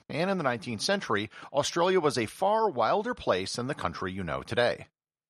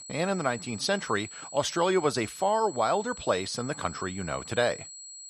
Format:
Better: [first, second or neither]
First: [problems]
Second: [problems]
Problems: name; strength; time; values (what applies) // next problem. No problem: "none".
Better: first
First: none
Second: high-pitched whine; noticeable; throughout; 8 kHz, 15 dB below the speech